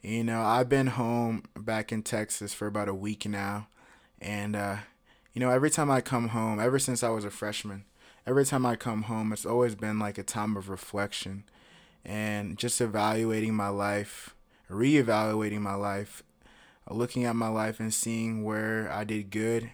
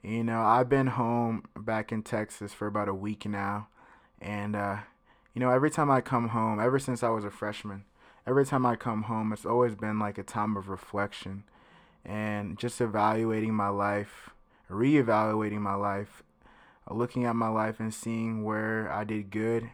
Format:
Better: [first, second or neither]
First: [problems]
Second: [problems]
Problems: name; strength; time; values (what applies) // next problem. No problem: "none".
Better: first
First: none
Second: muffled; slightly; fading above 3 kHz